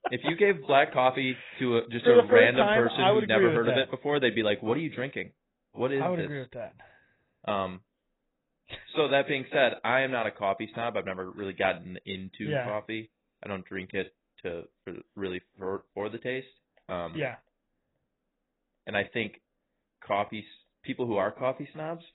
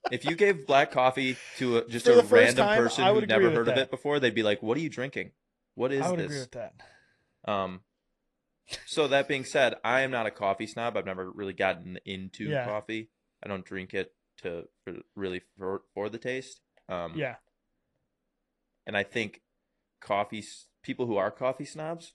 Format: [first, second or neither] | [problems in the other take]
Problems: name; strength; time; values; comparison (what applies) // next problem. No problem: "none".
second | garbled, watery; badly; nothing above 4 kHz; slightly in the second